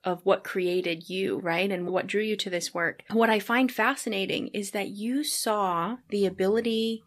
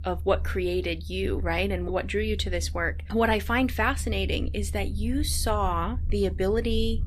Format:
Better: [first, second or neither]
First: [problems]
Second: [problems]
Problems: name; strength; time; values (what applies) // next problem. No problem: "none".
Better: first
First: none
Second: low rumble; faint; throughout; 25 dB below the speech